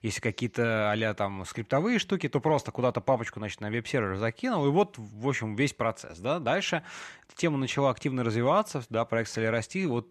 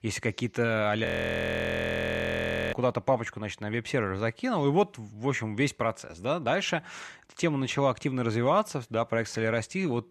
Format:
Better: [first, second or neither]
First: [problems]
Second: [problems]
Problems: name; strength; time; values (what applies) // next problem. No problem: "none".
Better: first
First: none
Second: audio freezing; at 1 s for 1.5 s